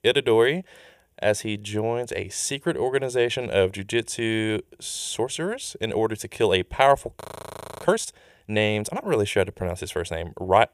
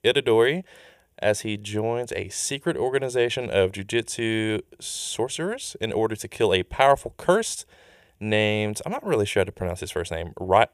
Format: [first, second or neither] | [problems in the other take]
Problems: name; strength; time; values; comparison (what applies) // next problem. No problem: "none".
second | audio freezing; at 7 s for 0.5 s